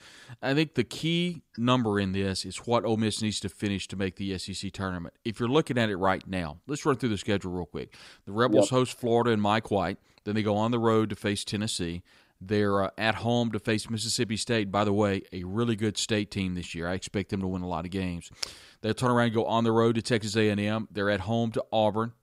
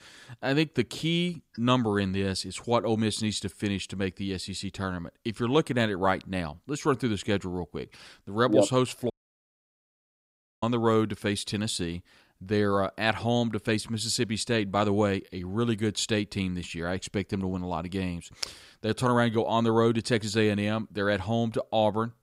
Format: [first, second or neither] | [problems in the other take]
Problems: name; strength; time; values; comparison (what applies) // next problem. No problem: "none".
first | audio cutting out; at 9 s for 1.5 s